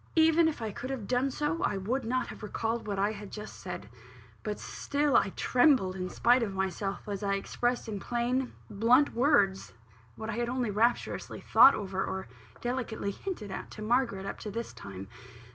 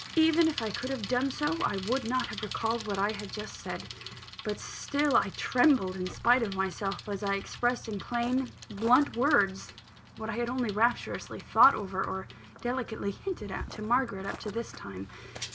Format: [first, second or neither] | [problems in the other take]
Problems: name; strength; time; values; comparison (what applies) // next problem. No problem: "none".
first | background sound (Bicycle + Walk, footsteps); 15 dB below the speech